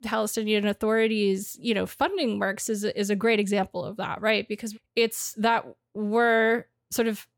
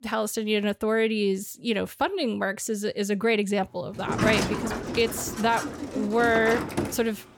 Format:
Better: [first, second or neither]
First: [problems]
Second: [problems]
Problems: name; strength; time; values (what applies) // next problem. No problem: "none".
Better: first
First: none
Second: door banging; loud; from 4 s on; peak 1 dB above the speech